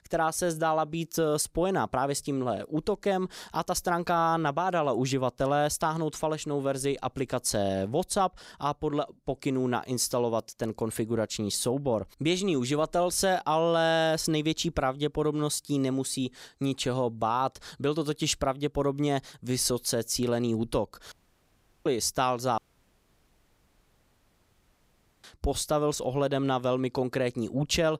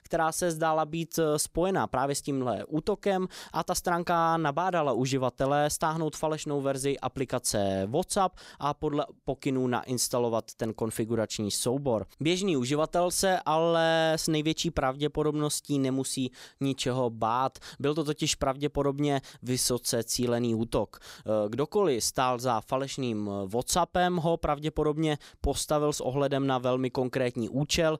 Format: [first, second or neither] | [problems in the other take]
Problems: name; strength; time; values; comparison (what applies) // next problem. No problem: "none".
second | audio cutting out; at 21 s for 0.5 s and at 23 s for 2.5 s